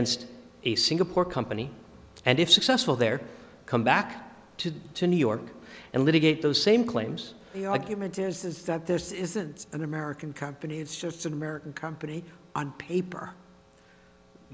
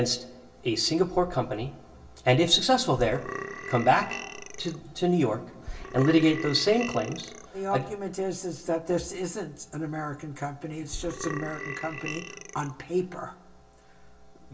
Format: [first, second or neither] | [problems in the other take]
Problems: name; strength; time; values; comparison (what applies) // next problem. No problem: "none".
first | background sound (Burping, eructation); 10 dB below the speech // room echo; dies away in 0.2 s